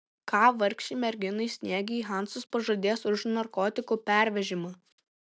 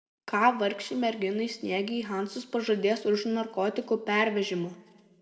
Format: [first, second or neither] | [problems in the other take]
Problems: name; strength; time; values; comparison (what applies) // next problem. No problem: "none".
first | room echo; dies away in 0.9 s